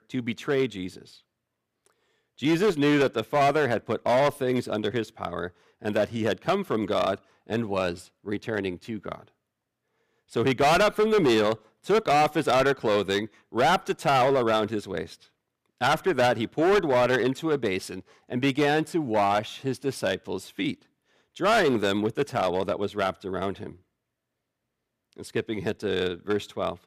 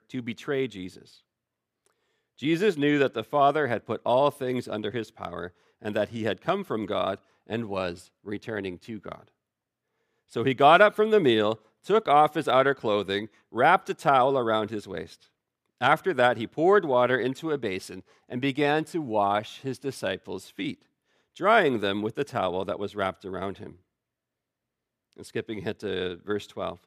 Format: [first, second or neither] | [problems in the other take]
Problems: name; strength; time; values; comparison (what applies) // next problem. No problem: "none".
second | distortion; heavy; 7% of the sound clipped